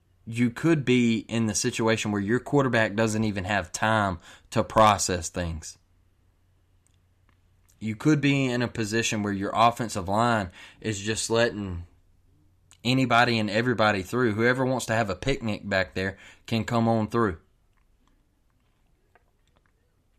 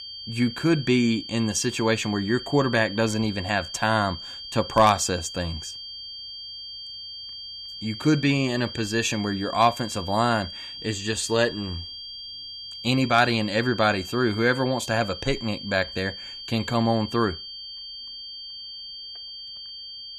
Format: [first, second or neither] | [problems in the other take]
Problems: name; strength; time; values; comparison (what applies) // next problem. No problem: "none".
first | high-pitched whine; noticeable; throughout; 4.5 kHz, 10 dB below the speech